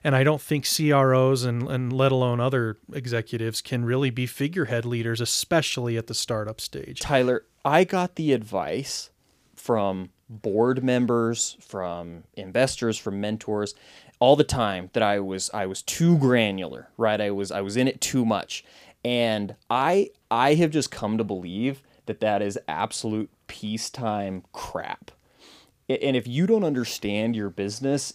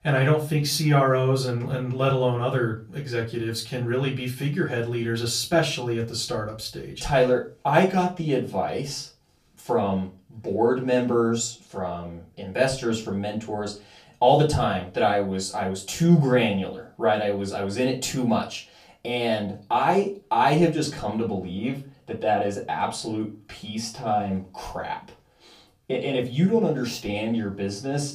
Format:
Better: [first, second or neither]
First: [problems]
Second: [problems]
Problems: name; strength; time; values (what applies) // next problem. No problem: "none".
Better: first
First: none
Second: off-mic speech; far // room echo; very slight; dies away in 0.3 s